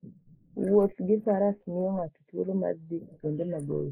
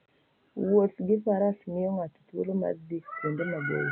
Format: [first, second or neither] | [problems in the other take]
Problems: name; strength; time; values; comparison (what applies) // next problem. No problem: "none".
second | noise reduction (neural mask model Resemble Enhance denoiser)